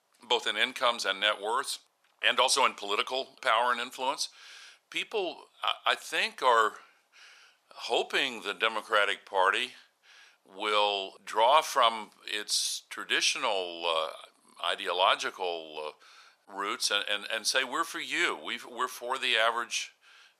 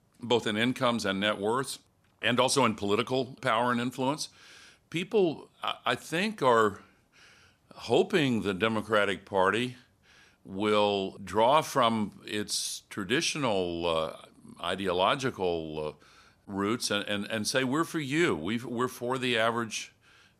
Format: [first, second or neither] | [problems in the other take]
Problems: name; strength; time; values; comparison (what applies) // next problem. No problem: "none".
second | thin; very; fading below 700 Hz